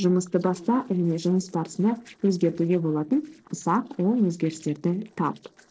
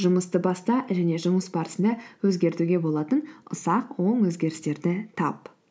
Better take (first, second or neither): second